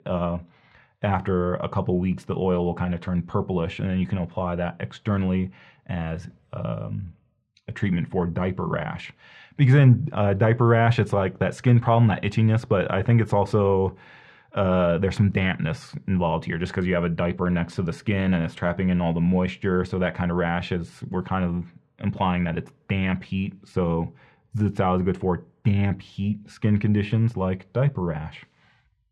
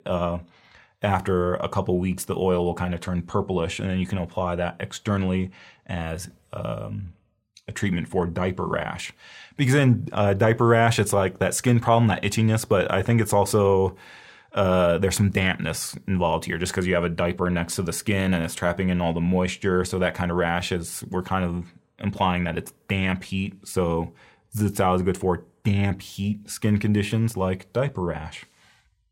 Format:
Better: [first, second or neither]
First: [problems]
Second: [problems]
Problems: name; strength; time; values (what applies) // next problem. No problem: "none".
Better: second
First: muffled; slightly; fading above 3 kHz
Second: none